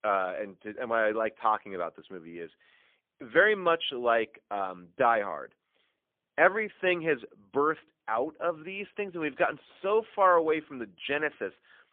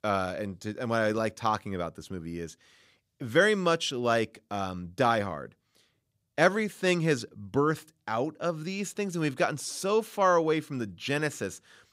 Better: second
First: phone-call audio; poor line; nothing above 3.5 kHz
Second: none

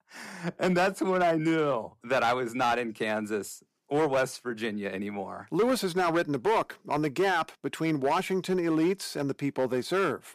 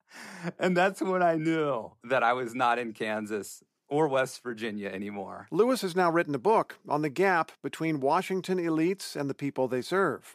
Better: second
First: distortion; slight; 6% of the sound clipped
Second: none

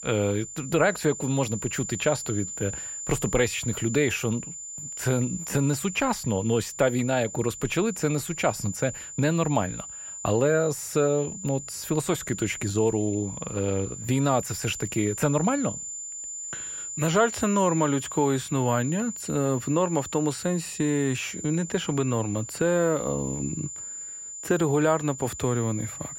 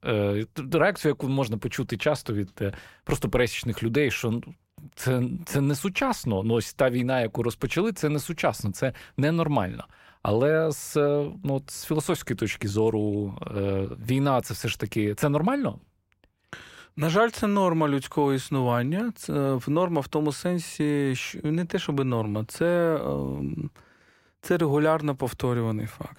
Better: second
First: high-pitched whine; loud; throughout; 7 kHz, 8 dB below the speech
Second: none

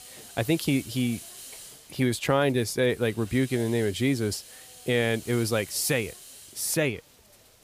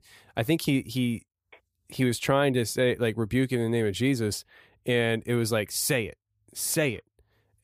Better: second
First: hiss; noticeable; throughout; 15 dB below the speech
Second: none

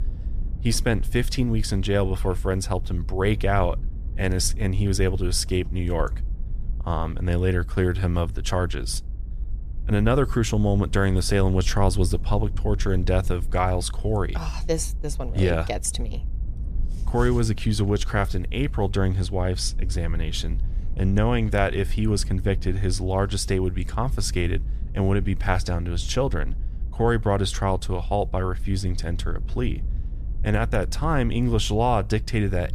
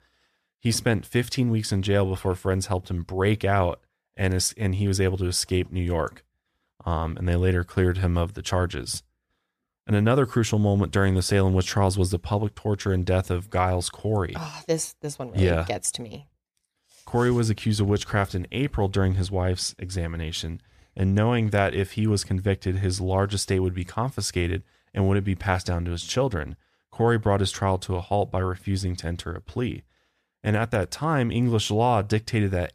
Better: second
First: low rumble; faint; throughout; 25 dB below the speech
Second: none

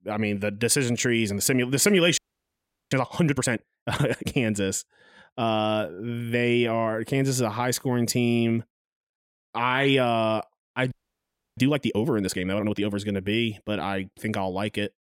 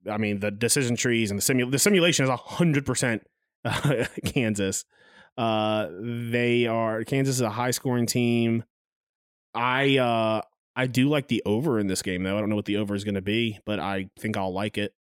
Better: second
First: audio freezing; at 2 s for 0.5 s and at 11 s for 0.5 s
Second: none

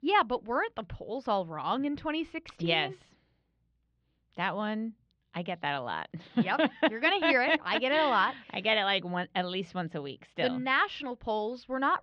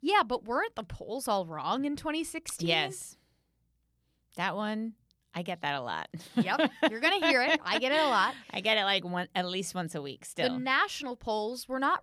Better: second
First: muffled; slightly; fading above 3.5 kHz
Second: none

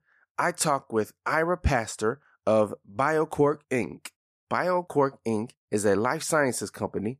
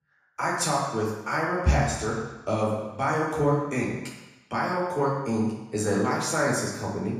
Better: first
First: none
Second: room echo; noticeable; dies away in 1 s // off-mic speech; far

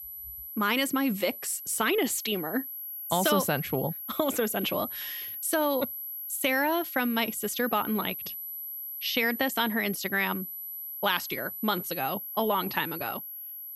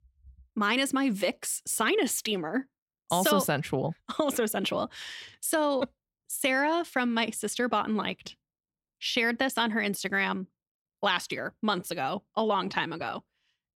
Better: second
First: high-pitched whine; loud; throughout; 12 kHz, 7 dB below the speech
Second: none

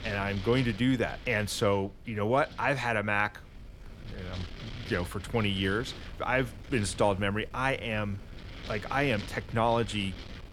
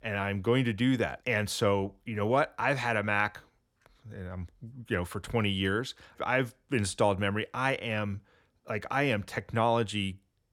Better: second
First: wind noise on the microphone; occasional gusts; 15 dB below the speech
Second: none

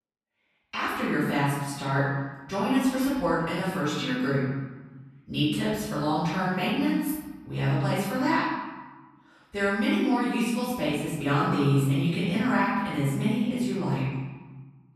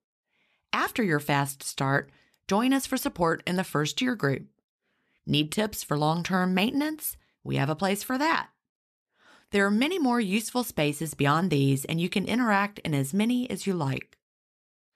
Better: second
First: off-mic speech; far // room echo; strong; dies away in 1.3 s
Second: none

